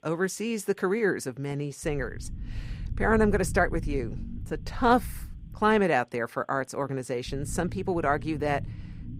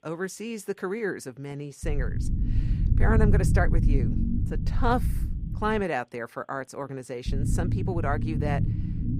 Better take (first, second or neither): first